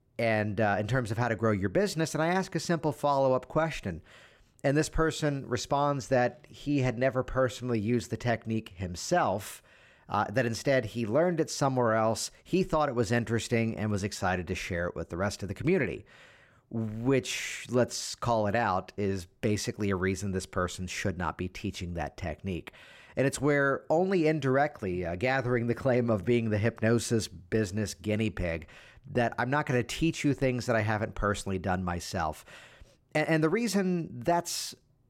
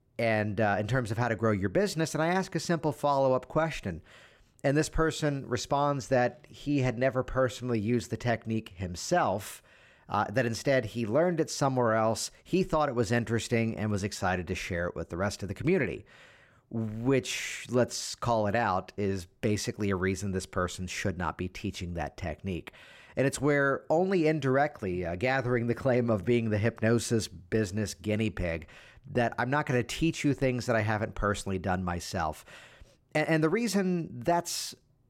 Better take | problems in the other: neither | none

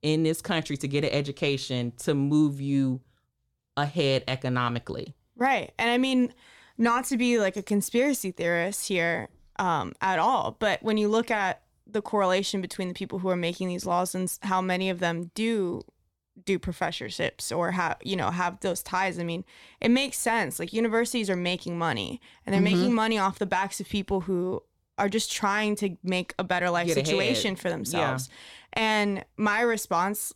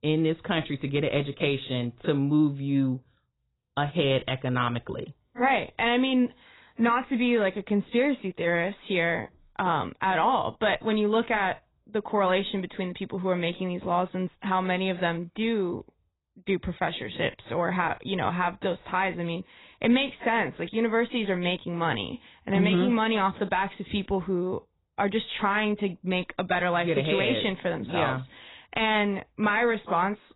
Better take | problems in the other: first | garbled, watery; badly; nothing above 4 kHz

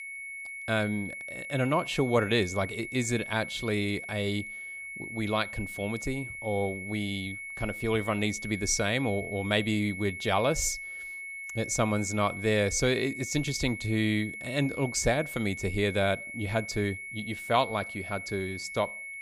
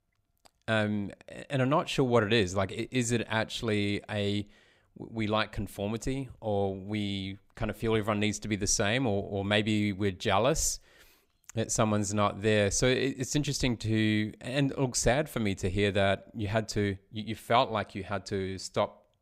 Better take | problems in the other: second | high-pitched whine; loud; throughout; 2 kHz, 8 dB below the speech

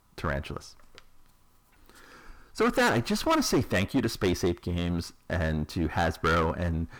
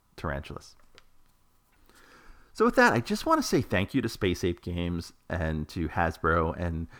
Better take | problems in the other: second | distortion; heavy; 7% of the sound clipped

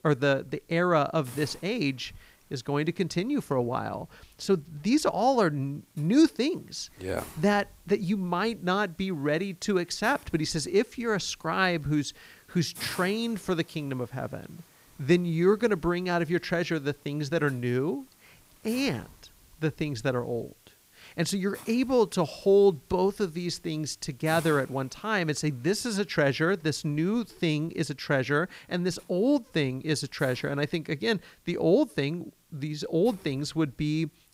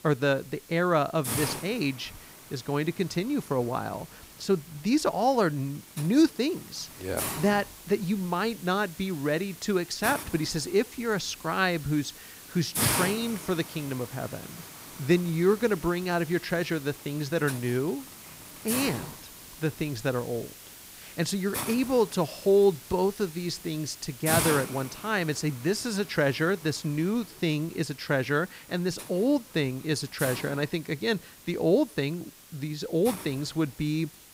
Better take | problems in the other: first | hiss; loud; throughout; 9 dB below the speech; faint in the first

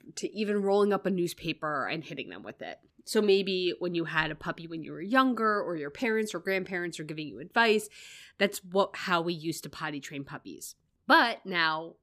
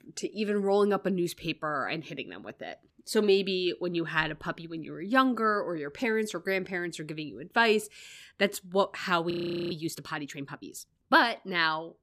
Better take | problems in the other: first | audio freezing; at 9.5 s

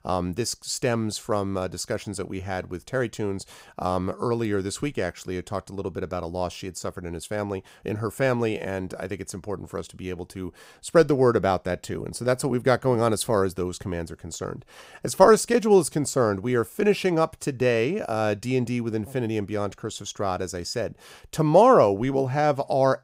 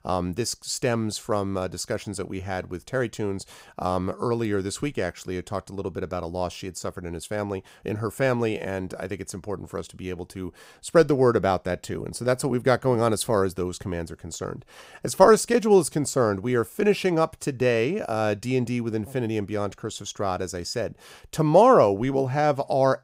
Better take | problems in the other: neither | none

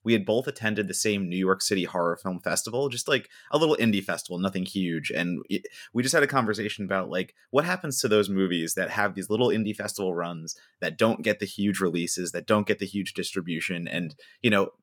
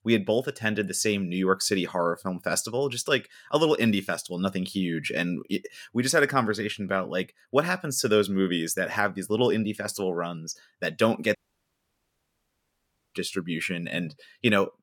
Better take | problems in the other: first | audio cutting out; at 11 s for 2 s

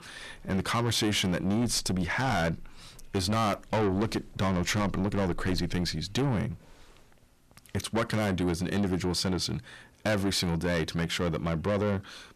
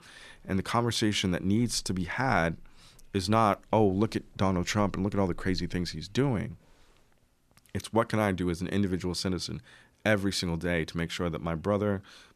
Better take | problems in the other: second | distortion; heavy; 6 dB below the speech

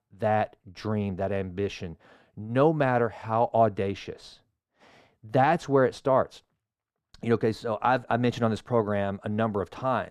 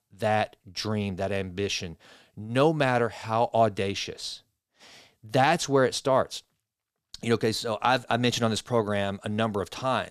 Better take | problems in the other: second | muffled; slightly; fading above 2.5 kHz

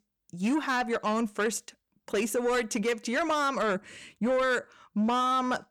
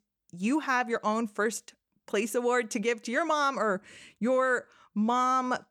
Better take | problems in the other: second | distortion; slight; 10 dB below the speech

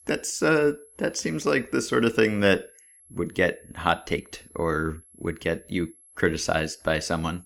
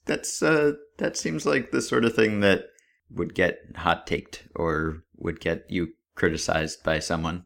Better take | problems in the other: second | high-pitched whine; faint; throughout; 11 kHz, 25 dB below the speech

